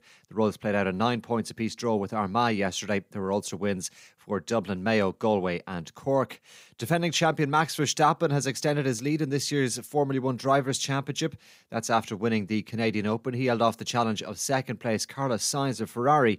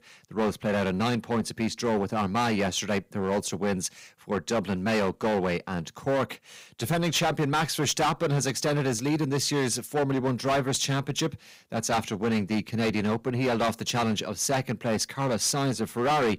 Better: first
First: none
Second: distortion; heavy; 13% of the sound clipped

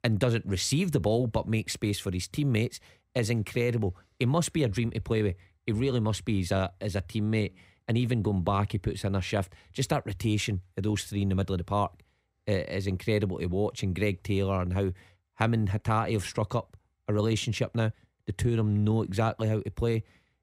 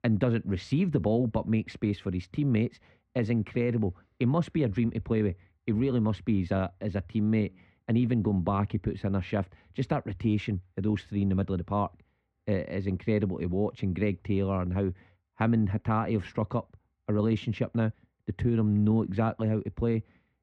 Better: first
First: none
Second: muffled; very; fading above 2.5 kHz

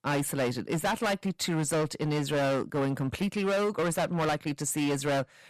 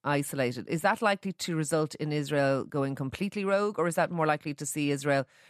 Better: second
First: distortion; heavy; 21% of the sound clipped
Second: none

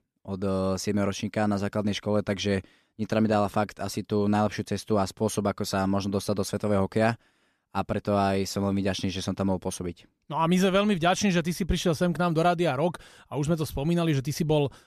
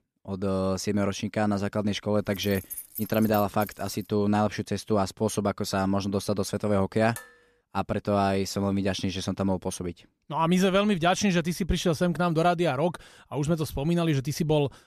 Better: first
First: none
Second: jangling keys; noticeable; from 2.5 to 4 s; peak 9 dB below the speech // clattering dishes; faint; at 7 s; peak 15 dB below the speech

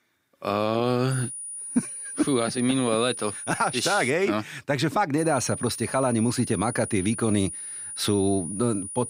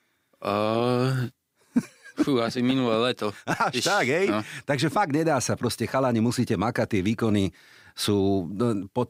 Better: second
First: high-pitched whine; loud; from 1 to 4 s and from 5 s on; 9.5 kHz, 8 dB below the speech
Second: none

